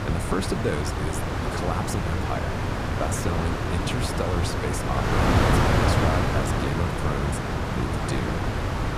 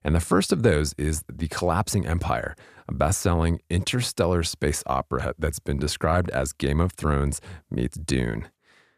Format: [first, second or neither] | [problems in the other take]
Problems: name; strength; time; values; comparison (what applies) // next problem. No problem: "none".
second | wind noise on the microphone; heavy; 5 dB above the speech